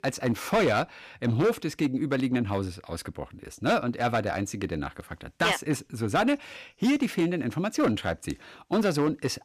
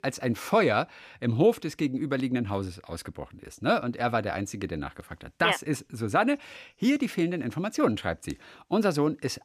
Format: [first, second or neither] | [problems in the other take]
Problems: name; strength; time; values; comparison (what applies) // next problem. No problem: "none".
second | distortion; slight; 5% of the sound clipped